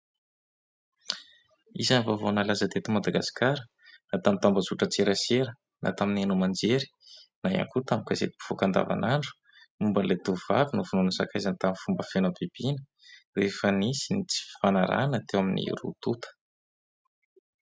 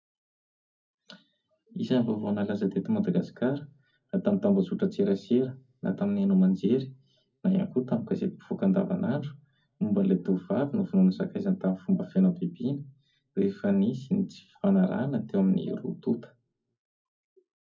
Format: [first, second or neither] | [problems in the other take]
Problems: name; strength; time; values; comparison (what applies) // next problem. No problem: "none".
first | room echo; dies away in 0.4 s